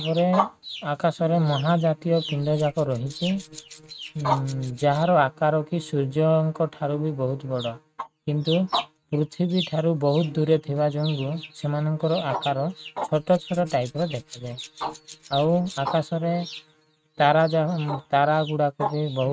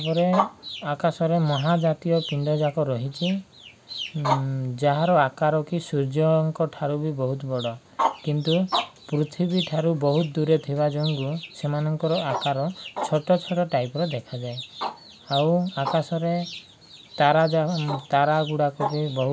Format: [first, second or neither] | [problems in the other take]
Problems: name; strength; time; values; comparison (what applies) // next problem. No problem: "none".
second | noise reduction (neural mask model RNNoise)